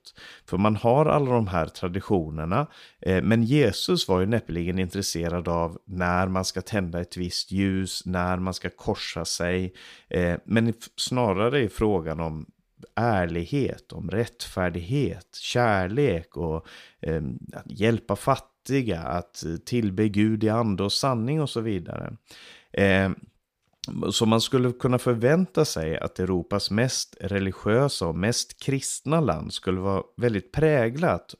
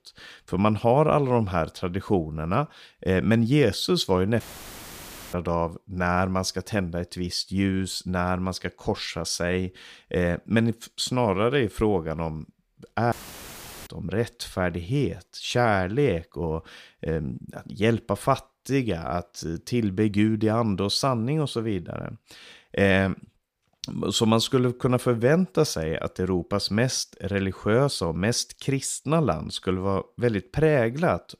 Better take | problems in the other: first | audio cutting out; filled with static; at 4.5 s for 1 s and at 13 s for 1 s

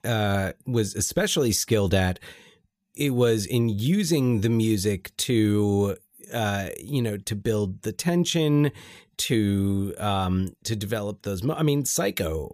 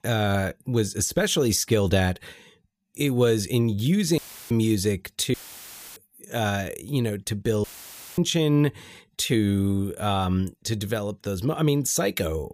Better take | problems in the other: first | audio cutting out; filled with static; at 4 s, at 5.5 s for 0.5 s and at 7.5 s for 0.5 s

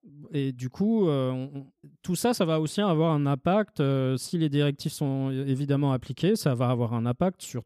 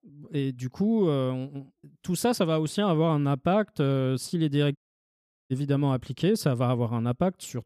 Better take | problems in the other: first | audio cutting out; at 5 s for 0.5 s

